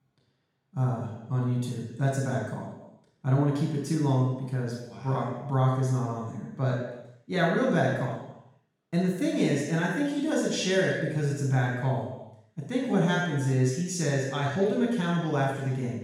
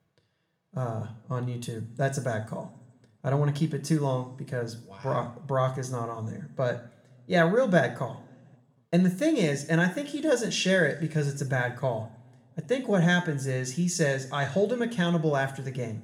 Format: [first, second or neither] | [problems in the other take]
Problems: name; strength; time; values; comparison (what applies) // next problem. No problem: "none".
second | room echo; strong; dies away in 0.9 s; slight in the second // off-mic speech; far